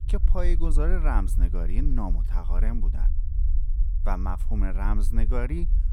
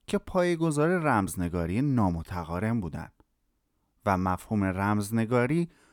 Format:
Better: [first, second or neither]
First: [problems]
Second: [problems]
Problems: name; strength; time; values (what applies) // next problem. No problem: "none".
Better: second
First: low rumble; noticeable; throughout; 15 dB below the speech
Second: none